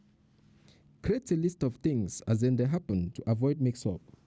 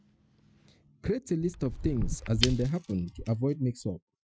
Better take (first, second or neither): first